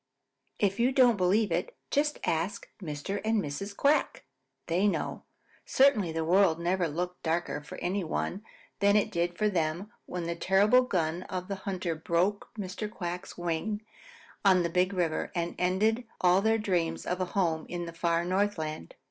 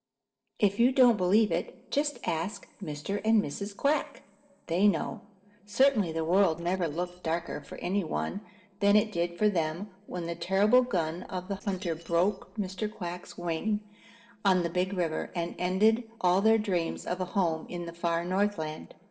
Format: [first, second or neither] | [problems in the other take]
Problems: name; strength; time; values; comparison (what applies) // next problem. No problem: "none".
first | noise reduction (neural separator model SepFormer DNS4)